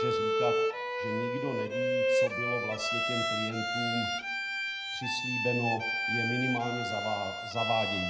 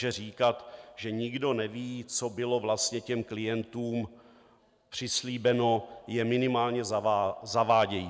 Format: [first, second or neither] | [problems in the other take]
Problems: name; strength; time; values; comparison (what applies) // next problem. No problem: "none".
second | background sound (Bowed string instrument); 4 dB above the speech // room echo; dies away in 0.7 s